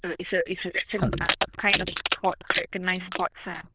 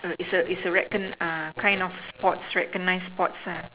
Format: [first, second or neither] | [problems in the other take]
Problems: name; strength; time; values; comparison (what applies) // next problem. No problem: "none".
second | noise reduction (neural diffusion model UNIVERSE++)